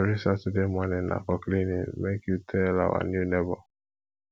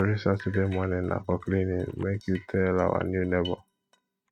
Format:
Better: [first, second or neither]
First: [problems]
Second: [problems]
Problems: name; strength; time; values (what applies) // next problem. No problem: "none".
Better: first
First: none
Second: noise reduction (neural mask model RNNoise)